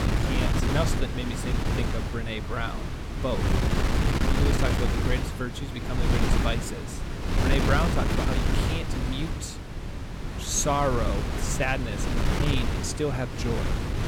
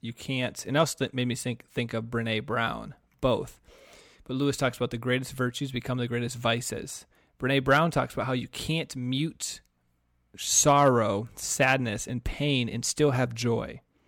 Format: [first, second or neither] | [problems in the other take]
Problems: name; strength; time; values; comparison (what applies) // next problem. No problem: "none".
second | wind noise on the microphone; heavy; 1 dB below the speech